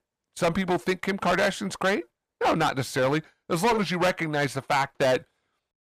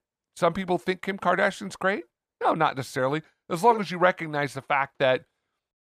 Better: second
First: distortion; heavy; 10% of the sound clipped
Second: none

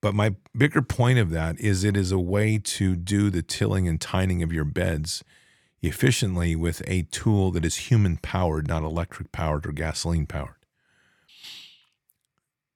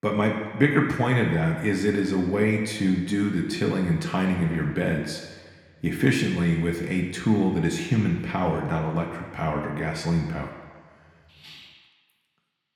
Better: first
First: none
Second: room echo; noticeable; dies away in 1.6 s // off-mic speech; somewhat distant

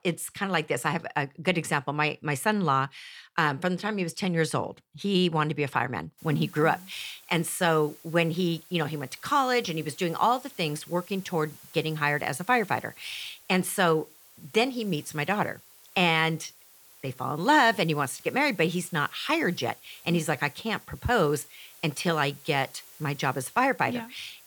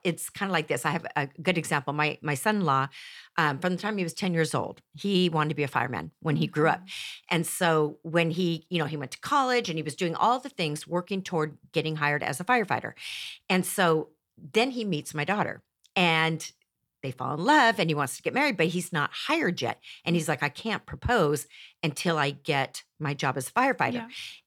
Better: second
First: hiss; faint; from 6 s on; 20 dB below the speech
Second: none

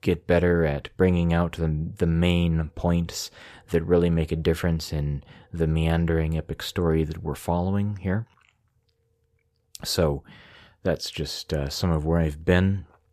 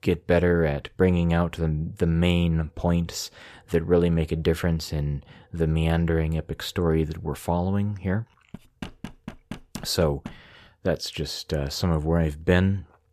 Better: first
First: none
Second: door banging; faint; from 8.5 to 10 s; peak 15 dB below the speech

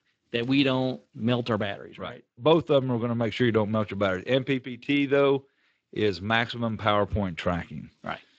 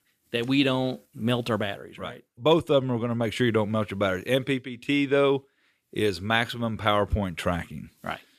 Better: second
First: garbled, watery; slightly; nothing above 7.5 kHz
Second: none

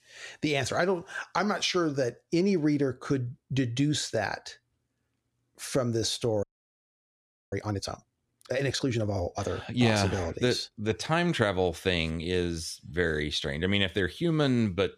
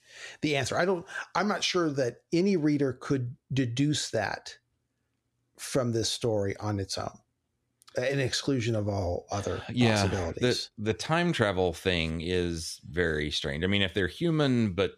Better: second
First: audio freezing; at 6.5 s for 1 s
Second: none

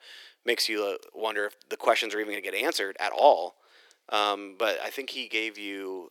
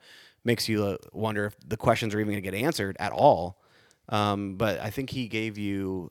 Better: second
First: thin; very; fading below 350 Hz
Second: none

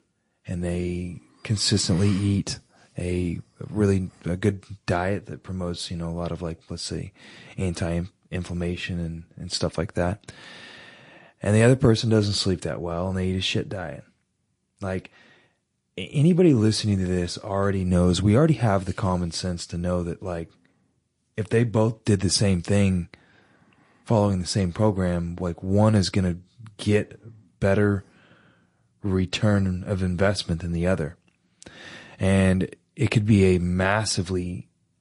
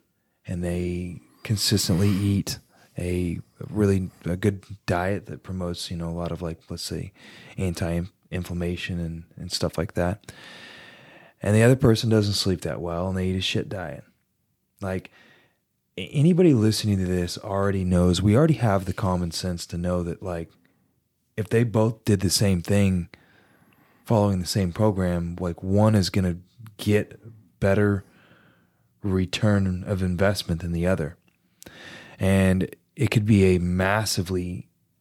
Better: second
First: garbled, watery; slightly; nothing above 10.5 kHz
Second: none

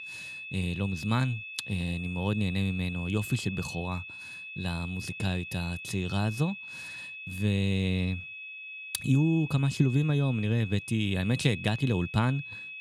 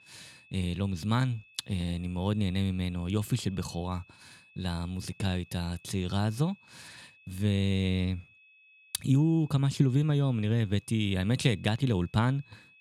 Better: second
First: high-pitched whine; loud; throughout; 2.5 kHz, 10 dB below the speech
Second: high-pitched whine; faint; throughout; 2.5 kHz, 25 dB below the speech

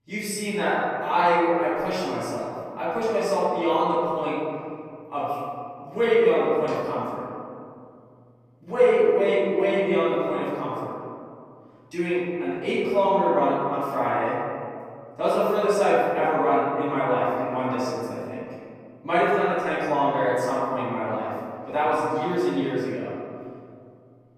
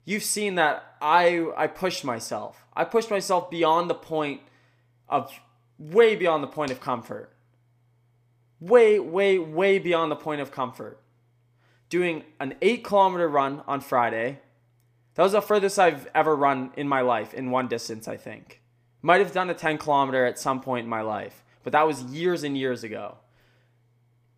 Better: second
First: off-mic speech; far // room echo; strong; dies away in 2.3 s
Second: none

